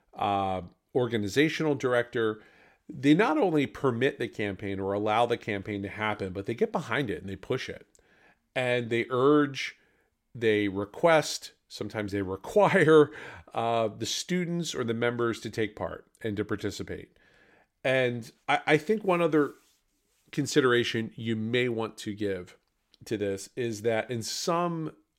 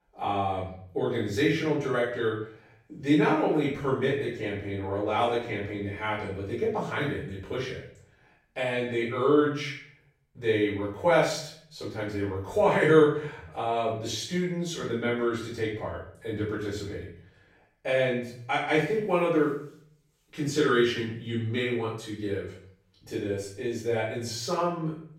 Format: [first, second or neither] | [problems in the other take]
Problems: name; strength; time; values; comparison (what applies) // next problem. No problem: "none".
first | room echo; noticeable; dies away in 0.5 s // off-mic speech; far